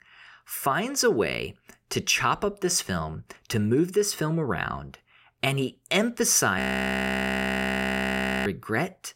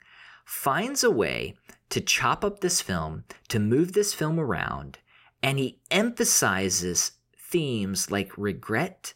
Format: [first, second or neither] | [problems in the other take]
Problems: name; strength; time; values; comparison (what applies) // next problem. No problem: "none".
second | audio freezing; at 6.5 s for 2 s